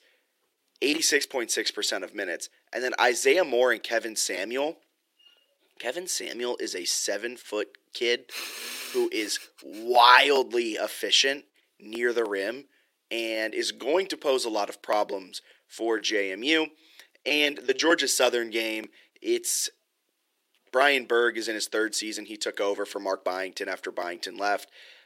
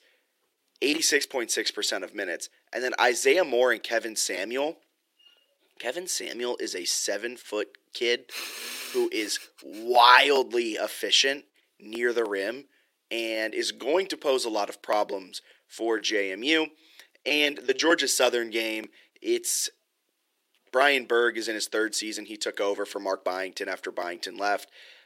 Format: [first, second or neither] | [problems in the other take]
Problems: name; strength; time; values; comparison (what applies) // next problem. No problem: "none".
neither | thin; somewhat; fading below 350 Hz; the same in both